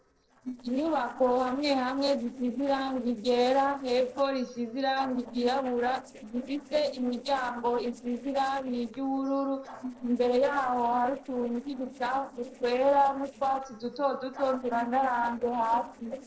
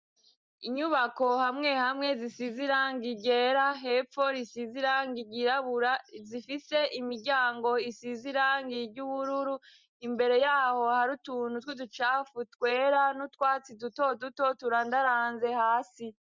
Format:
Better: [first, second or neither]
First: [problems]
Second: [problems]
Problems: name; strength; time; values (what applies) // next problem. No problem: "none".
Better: second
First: noise reduction (neural separator model SepFormer DNS4)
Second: none